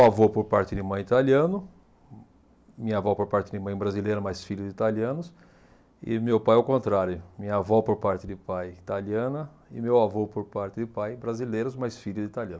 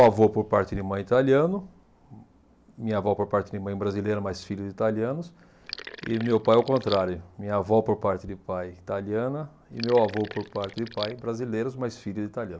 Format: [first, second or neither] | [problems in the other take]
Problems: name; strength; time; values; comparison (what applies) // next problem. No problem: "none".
first | background sound (Sink (filling or washing)); 15 dB below the speech